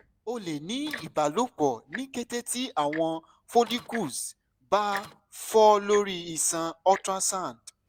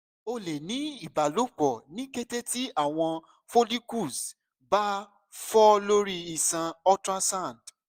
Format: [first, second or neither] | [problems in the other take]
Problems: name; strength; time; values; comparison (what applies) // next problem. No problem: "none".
second | background sound (Printer + Tick-tock); 19 dB below the speech